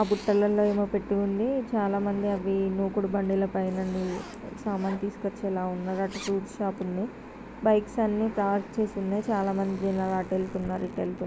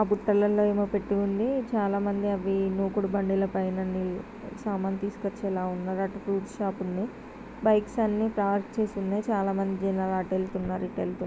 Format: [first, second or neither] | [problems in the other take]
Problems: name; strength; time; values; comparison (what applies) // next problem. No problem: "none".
second | background sound (Zipper (clothing)); 19 dB below the speech